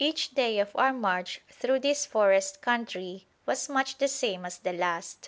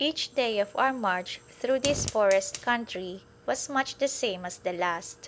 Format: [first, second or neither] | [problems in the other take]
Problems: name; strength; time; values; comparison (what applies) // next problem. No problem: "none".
first | background sound (Fire); 15 dB below the speech